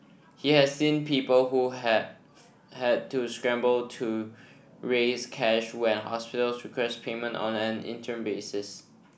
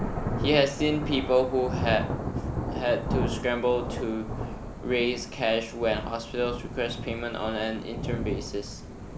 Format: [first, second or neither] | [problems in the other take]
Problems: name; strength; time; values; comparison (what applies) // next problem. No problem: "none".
first | background sound (Thunder / Rain); 4 dB below the speech